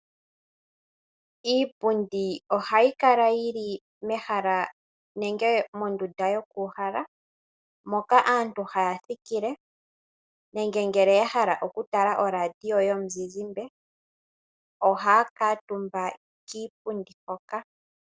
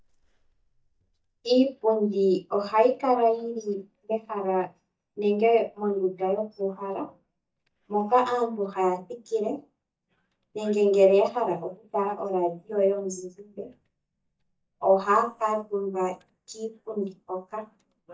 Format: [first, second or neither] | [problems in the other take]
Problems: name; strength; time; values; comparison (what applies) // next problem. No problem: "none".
first | noise reduction (neural mask model DeepFilterNet 3)